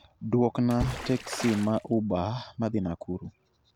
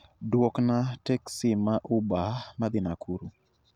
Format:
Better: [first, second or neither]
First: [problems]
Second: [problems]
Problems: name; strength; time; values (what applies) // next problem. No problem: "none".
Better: second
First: background sound (Water / Splash, splatter); 10 dB below the speech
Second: none